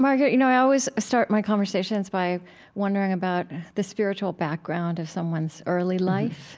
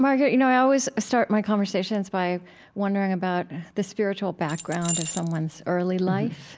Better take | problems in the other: first | background sound (Keys jangling); 10 dB below the speech

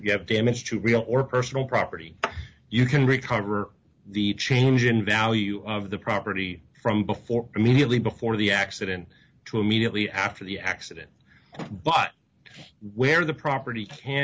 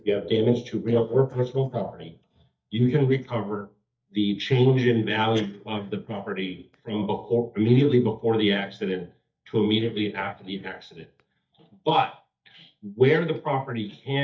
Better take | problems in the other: first | noise reduction (neural mask model DeepFilterNet 3)

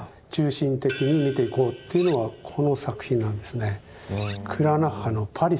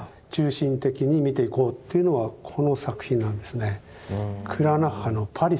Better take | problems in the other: second | background sound (Crash cymbal / Hi-hat + Cutlery, silverware); 20 dB below the speech

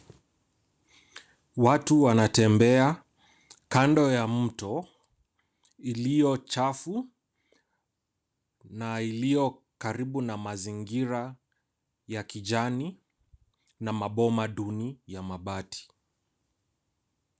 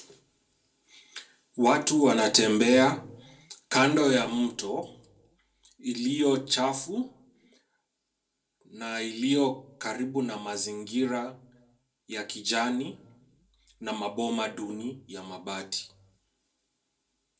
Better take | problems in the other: first | room echo; dies away in 0.2 s

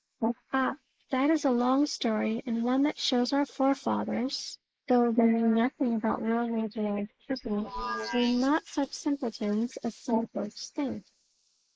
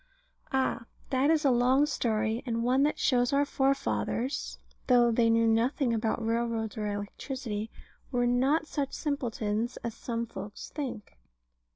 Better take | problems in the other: second | noise reduction (neural mask model Resemble Enhance denoiser)

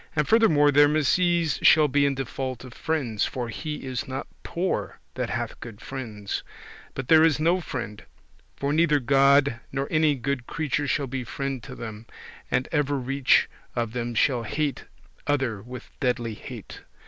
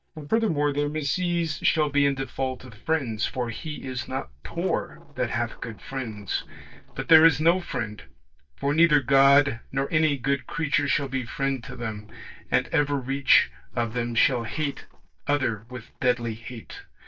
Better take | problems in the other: first | noise reduction (neural mask model DeepFilterNet 3)

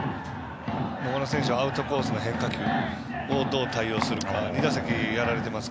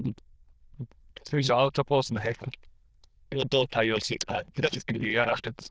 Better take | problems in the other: first | noise reduction (neural diffusion model UNIVERSE++)

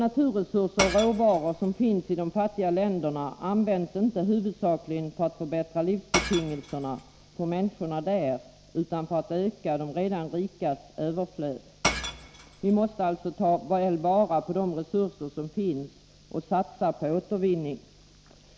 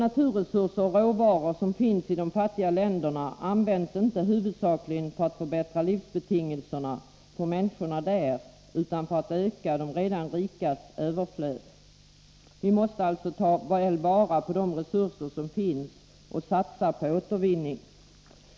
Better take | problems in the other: second | background sound (Shatter / Crushing); 9 dB below the speech

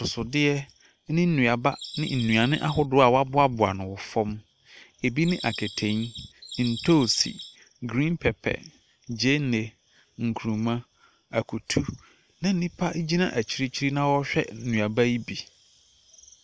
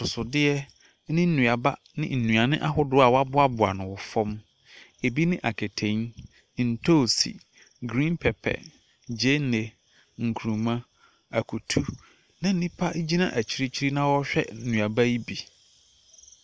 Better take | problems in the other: second | background sound (Bird vocalization, bird call, bird song); 13 dB below the speech

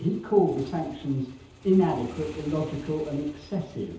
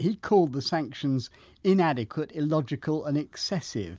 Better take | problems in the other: second | background sound (Motorcycle / Engine); 19 dB below the speech // room echo; dies away in 0.8 s

